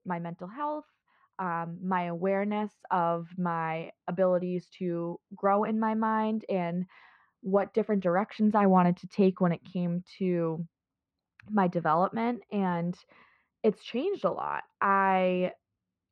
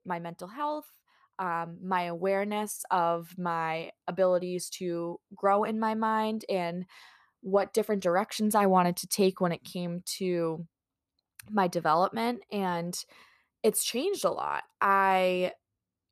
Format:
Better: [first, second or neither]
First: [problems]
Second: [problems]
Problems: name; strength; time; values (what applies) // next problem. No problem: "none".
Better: second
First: muffled; very; fading above 2.5 kHz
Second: none